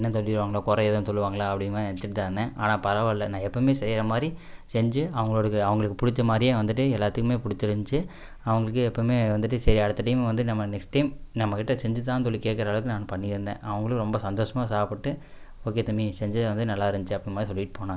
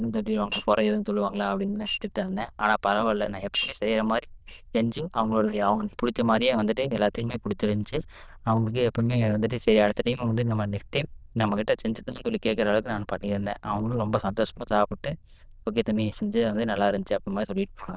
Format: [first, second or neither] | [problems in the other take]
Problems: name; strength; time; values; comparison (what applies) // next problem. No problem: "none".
first | noise reduction (neural diffusion model UNIVERSE++)